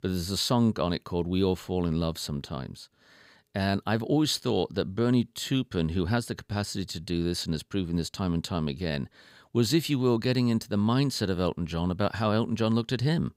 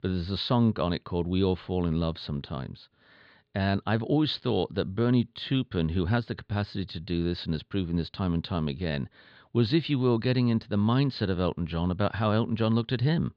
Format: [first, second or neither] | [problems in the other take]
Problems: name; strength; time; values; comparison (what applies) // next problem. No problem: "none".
first | muffled; very slightly; fading above 4 kHz